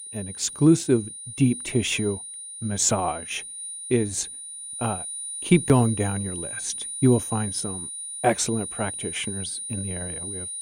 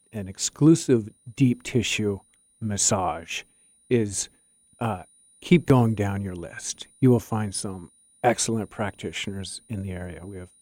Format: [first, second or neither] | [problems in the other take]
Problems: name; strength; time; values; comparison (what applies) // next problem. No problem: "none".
second | high-pitched whine; loud; throughout; 9.5 kHz, 7 dB below the speech; faint in the second